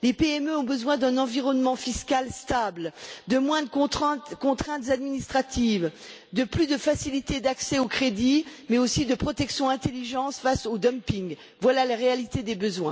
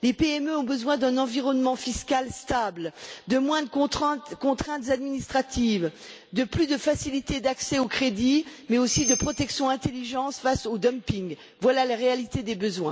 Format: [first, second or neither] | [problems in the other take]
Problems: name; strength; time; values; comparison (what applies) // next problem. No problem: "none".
first | background sound (Bell); 4 dB below the speech